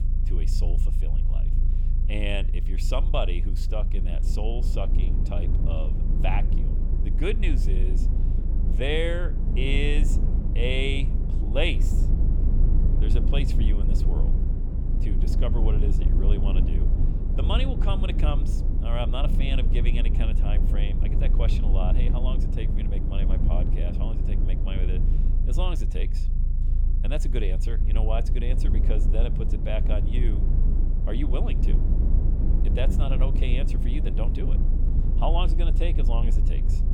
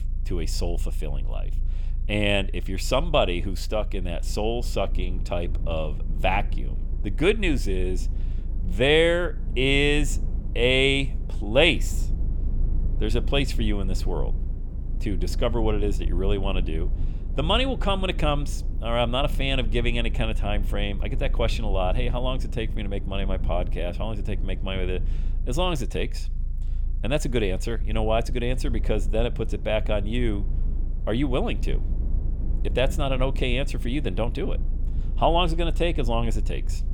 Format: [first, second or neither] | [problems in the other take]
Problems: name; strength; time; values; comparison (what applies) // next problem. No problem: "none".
second | low rumble; loud; throughout; 7 dB below the speech; faint in the second